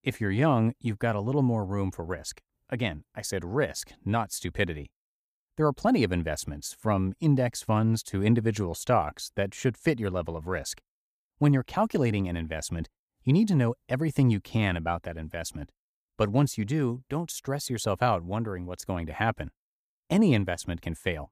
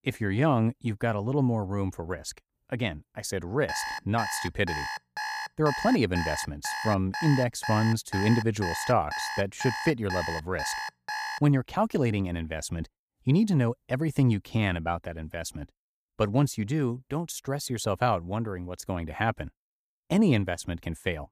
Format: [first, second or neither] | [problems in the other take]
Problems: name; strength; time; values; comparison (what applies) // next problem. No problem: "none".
first | alarm; noticeable; from 3.5 to 11 s; peak 5 dB below the speech